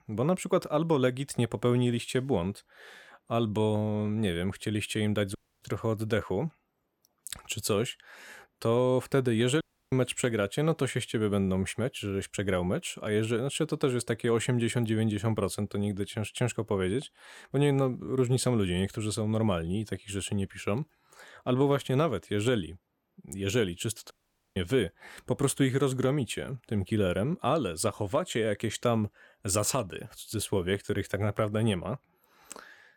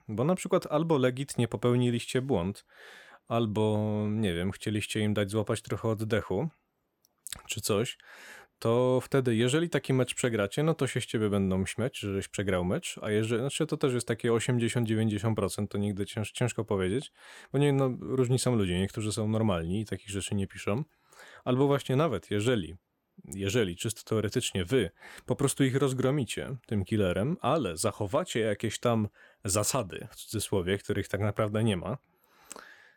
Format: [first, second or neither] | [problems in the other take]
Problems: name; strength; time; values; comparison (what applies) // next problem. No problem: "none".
second | audio cutting out; at 5.5 s, at 9.5 s and at 24 s